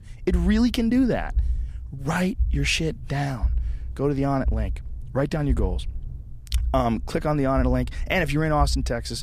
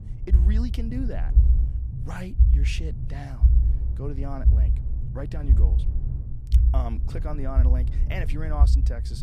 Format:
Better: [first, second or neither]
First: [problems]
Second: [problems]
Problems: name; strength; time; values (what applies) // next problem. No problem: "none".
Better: first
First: low rumble; faint; throughout; 25 dB below the speech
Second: low rumble; loud; throughout; 5 dB below the speech